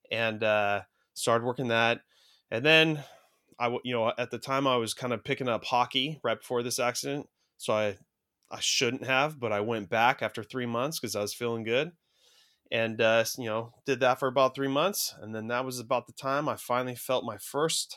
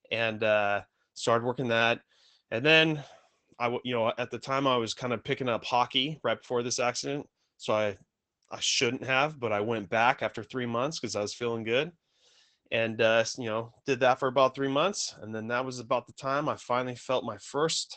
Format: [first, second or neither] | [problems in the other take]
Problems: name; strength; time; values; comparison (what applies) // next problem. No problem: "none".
first | garbled, watery; badly; nothing above 8 kHz